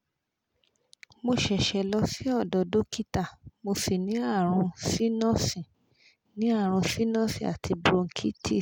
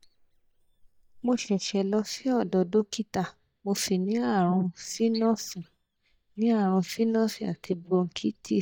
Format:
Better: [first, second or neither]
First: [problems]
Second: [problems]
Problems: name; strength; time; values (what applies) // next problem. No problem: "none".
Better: first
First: none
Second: noise reduction (neural mask model DeepFilterNet 3)